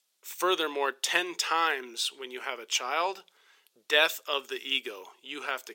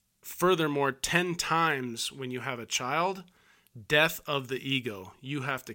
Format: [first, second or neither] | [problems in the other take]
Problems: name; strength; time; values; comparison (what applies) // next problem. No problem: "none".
second | thin; very; fading below 400 Hz